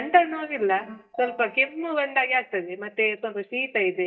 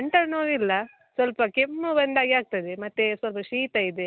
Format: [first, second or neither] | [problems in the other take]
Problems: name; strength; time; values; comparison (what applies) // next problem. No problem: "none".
second | noise reduction (neural mask model DeepFilterNet 3)